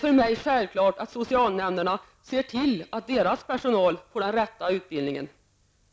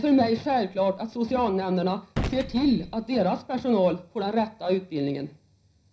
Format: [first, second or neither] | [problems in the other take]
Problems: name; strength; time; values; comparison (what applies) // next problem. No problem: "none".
first | background sound (Gunshot, gunfire); 12 dB below the speech // room echo; dies away in 0.5 s